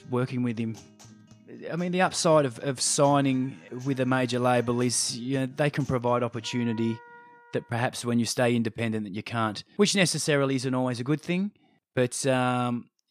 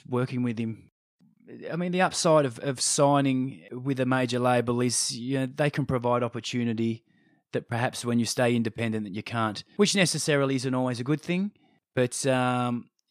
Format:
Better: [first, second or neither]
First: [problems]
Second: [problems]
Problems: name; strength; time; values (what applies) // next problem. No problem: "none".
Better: second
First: background music; faint; until 7.5 s; 25 dB below the speech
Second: none